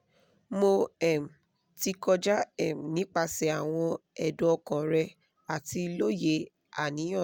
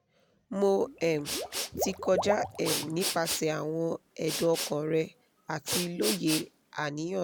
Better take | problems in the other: first | background sound (Water / Liquid + Respiratory sounds); 6 dB below the speech

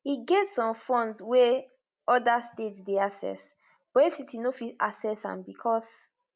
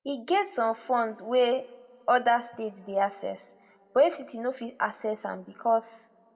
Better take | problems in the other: first | room echo; dies away in 1 s

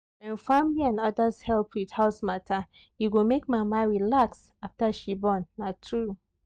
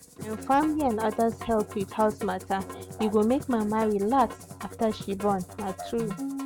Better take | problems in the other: first | background sound (Musical instrument); 12 dB below the speech

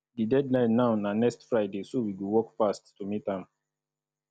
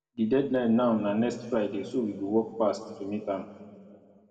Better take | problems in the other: first | room echo; dies away in 1.8 s

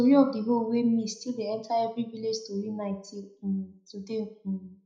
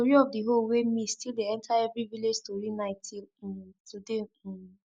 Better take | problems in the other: second | room echo; dies away in 0.4 s

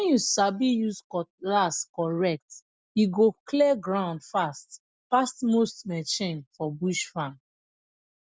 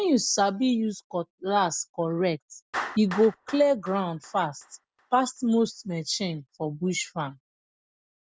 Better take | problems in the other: first | background sound (Clapping); 17 dB below the speech

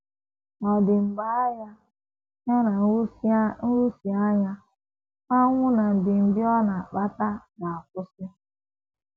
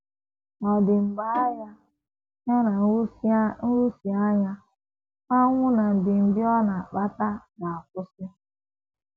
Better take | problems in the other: first | background sound (Bowed string instrument); 13 dB below the speech

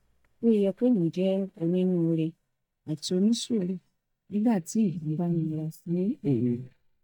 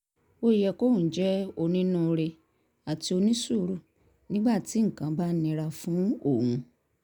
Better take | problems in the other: second | noise reduction (neural mask model DeepFilterNet 3)

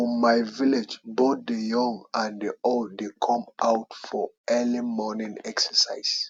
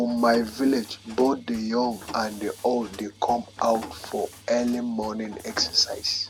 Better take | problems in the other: first | background sound (Mechanisms); 18 dB below the speech

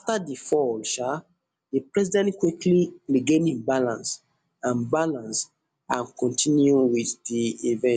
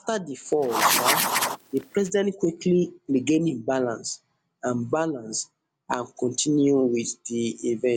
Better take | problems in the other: first | background sound (Writing); 1 dB above the speech

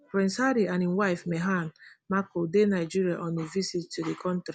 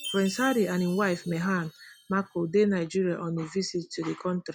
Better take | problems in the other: first | background sound (Chime); 19 dB below the speech

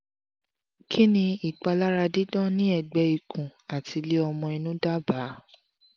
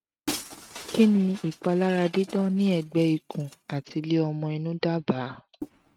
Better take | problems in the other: first | noise reduction (neural mask model RNNoise)

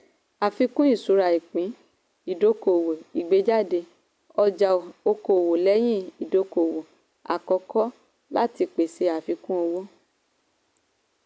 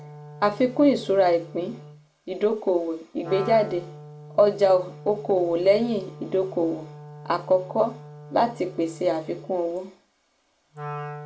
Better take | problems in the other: first | background sound (Wind instrument, woodwind instrument); 16 dB below the speech // room echo; dies away in 0.2 s

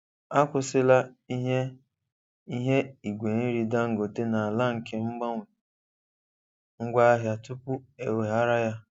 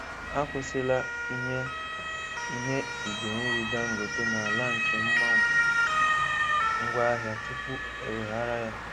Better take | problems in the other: first | background sound (Motor vehicle (road) / Siren); 5 dB above the speech

